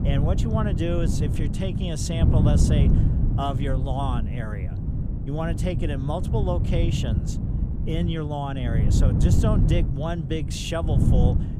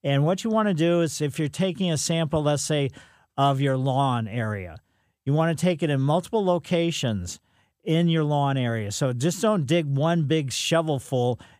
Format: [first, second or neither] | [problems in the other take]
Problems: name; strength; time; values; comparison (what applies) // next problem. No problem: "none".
second | wind noise on the microphone; heavy; 4 dB below the speech